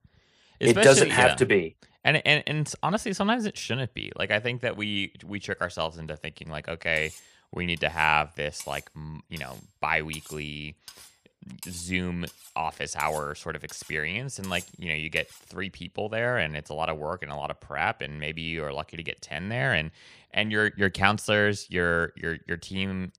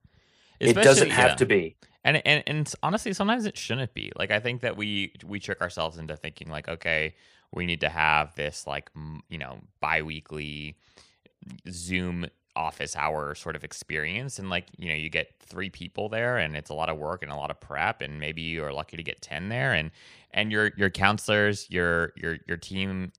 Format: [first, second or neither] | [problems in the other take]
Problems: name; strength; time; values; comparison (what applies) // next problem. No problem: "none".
second | clattering dishes; faint; from 7 to 15 s; peak 15 dB below the speech